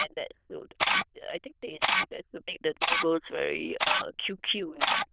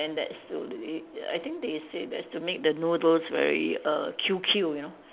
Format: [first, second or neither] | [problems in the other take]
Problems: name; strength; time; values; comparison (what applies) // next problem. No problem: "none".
second | noise reduction (neural diffusion model UNIVERSE++)